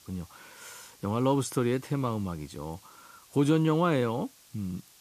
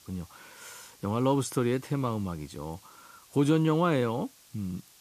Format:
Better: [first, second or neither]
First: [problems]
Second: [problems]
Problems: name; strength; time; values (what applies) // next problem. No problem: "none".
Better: neither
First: hiss; faint; throughout; 25 dB below the speech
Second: hiss; faint; throughout; 25 dB below the speech